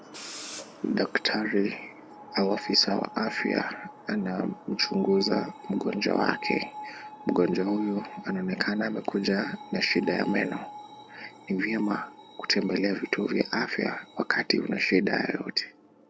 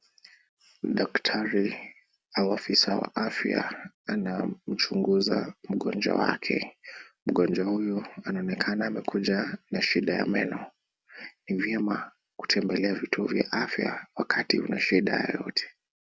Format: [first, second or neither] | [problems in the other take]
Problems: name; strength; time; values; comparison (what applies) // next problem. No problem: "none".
second | background sound (Screech); 16 dB below the speech